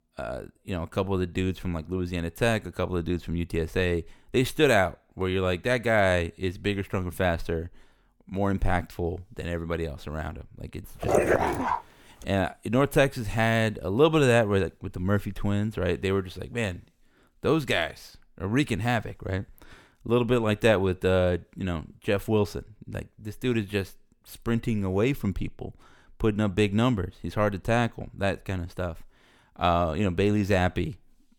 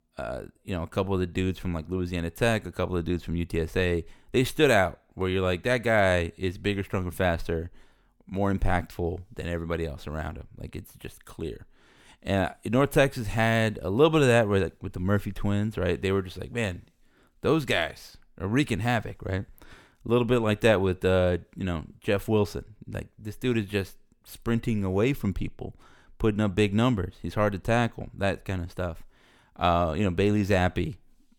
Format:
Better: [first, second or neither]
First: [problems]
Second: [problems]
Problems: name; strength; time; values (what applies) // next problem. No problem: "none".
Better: second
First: dog barking; loud; at 11 s; peak 4 dB above the speech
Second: none